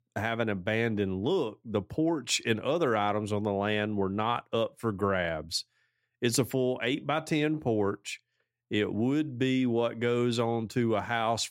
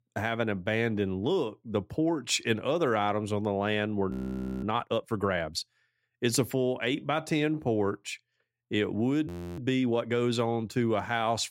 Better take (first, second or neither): first